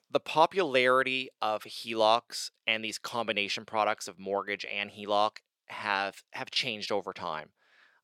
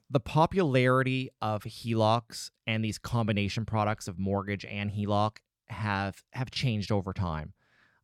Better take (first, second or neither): second